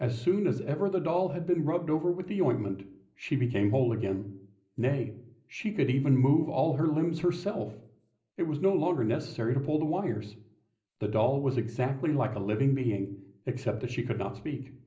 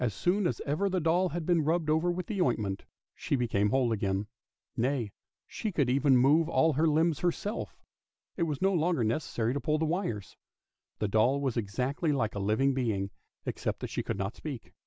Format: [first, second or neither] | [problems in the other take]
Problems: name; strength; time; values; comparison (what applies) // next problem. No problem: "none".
second | room echo; dies away in 0.5 s